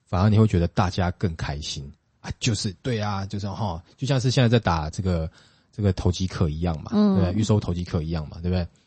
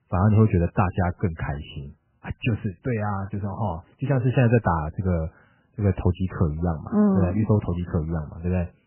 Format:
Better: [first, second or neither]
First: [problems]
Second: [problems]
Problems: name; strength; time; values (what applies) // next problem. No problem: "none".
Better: first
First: garbled, watery; slightly; nothing above 8 kHz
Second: garbled, watery; badly; nothing above 3 kHz